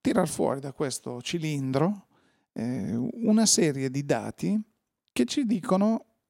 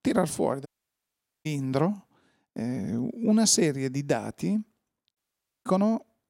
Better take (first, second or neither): first